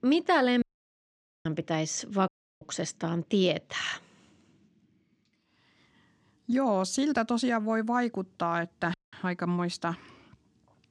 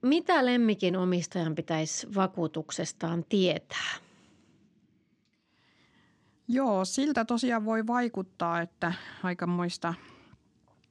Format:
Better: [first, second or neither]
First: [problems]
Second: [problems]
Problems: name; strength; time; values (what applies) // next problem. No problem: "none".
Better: second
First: audio cutting out; at 0.5 s for 1 s, at 2.5 s and at 9 s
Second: none